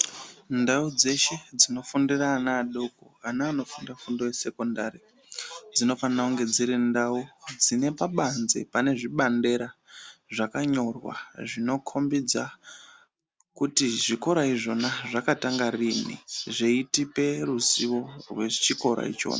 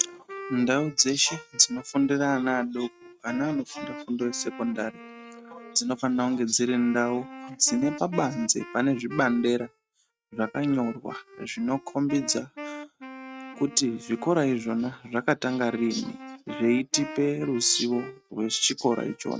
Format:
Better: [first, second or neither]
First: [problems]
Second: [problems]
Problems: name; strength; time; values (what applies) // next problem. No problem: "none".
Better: first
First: none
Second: noise reduction (neural mask model RNNoise)